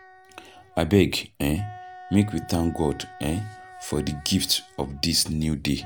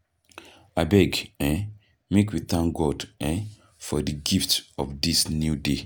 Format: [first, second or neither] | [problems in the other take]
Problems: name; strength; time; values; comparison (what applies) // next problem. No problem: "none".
second | background sound (Wind instrument, woodwind instrument); 20 dB below the speech